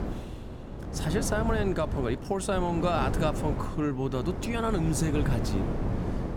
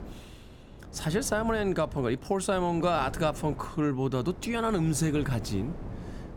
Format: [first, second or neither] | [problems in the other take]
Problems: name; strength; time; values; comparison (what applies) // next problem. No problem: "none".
second | wind noise on the microphone; heavy; 8 dB below the speech; occasional gusts in the second